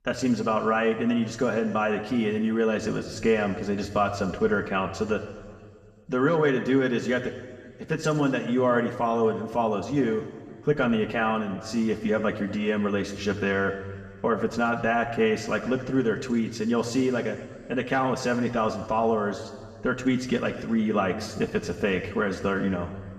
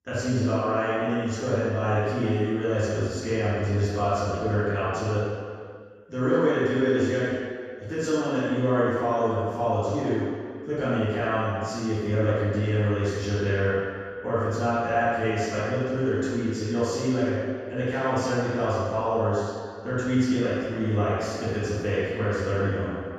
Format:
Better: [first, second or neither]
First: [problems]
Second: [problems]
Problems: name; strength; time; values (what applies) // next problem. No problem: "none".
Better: first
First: room echo; slight; dies away in 1.7 s // off-mic speech; somewhat distant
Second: room echo; strong; dies away in 1.8 s // off-mic speech; far